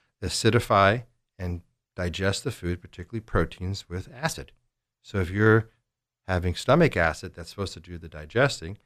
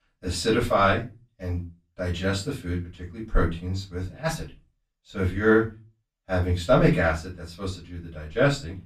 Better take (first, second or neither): first